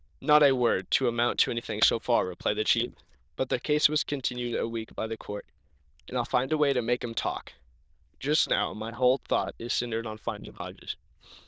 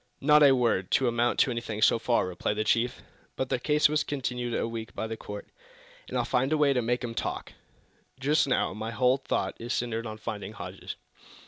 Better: second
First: noise reduction (neural diffusion model UNIVERSE++)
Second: none

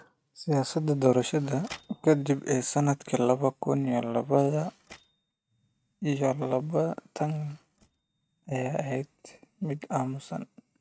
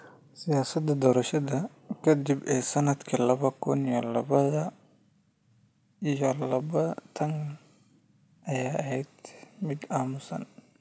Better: second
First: noise reduction (neural mask model RNNoise)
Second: none

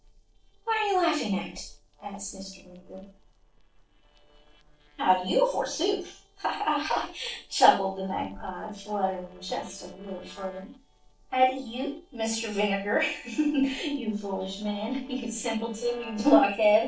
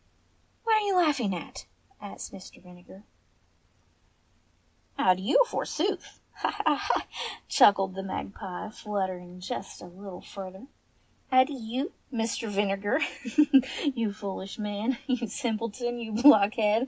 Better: second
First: noise reduction (neural separator model SepFormer DNS4)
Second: none

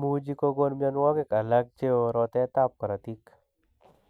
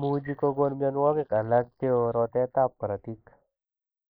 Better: first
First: none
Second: noise reduction (neural mask model Resemble Enhance denoiser)

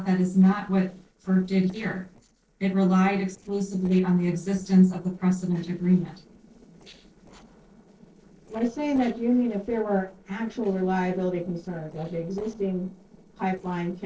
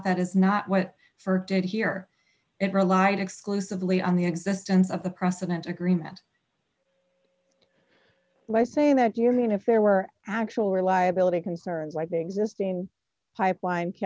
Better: second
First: noise reduction (neural separator model SepFormer DNS4)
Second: none

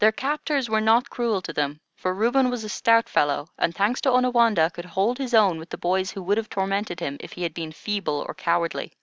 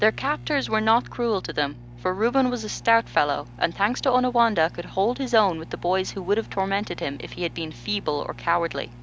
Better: first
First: none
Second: background sound (Microwave oven); 17 dB below the speech

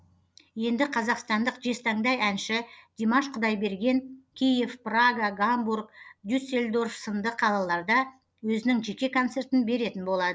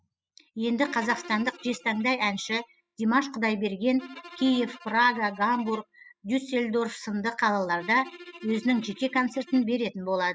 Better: first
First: none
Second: noise reduction (classical method spectral subtraction)

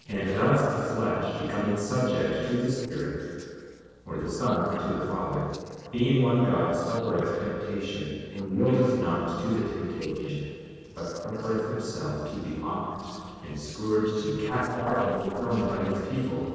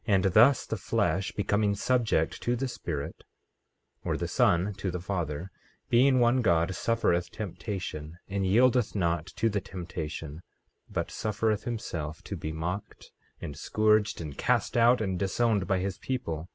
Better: second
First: noise reduction (neural separator model SepFormer DNS4)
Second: none

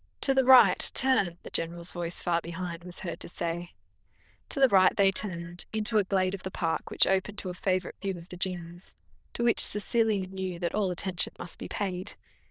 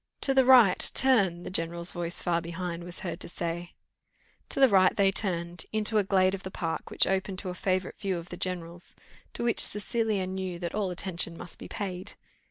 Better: second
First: noise reduction (neural diffusion model UNIVERSE++)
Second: none

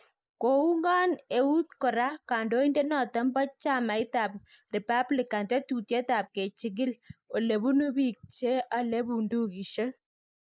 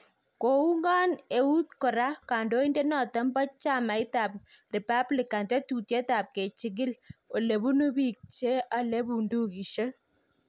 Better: second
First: noise reduction (neural mask model Resemble Enhance denoiser)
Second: none

